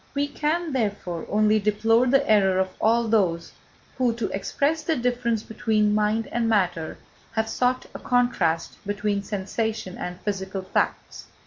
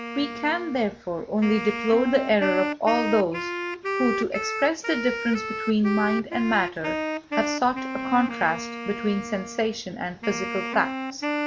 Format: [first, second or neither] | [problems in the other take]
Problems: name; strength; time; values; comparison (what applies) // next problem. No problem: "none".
first | background sound (Wind instrument, woodwind instrument); 5 dB below the speech